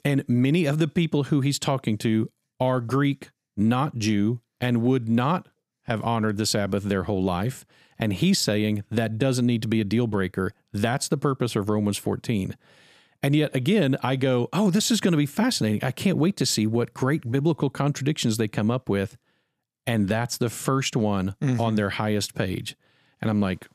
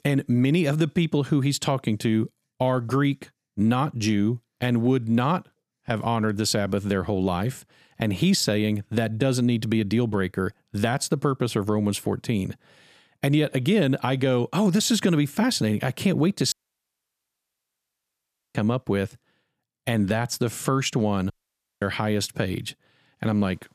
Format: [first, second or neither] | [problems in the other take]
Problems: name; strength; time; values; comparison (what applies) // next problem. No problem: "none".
first | audio cutting out; at 17 s for 2 s and at 21 s for 0.5 s